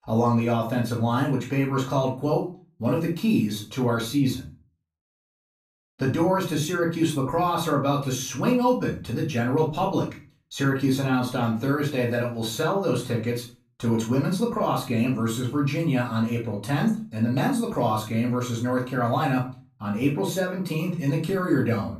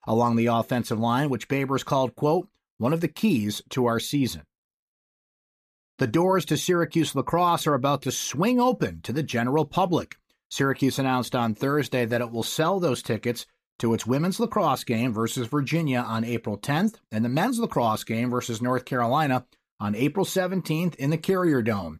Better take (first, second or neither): second